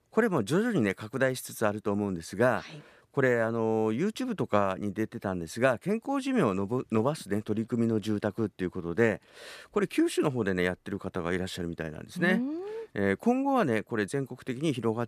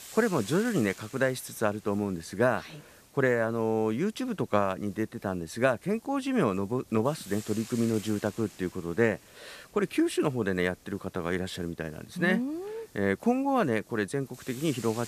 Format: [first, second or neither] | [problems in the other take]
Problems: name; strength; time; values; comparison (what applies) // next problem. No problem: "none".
first | hiss; faint; throughout; 20 dB below the speech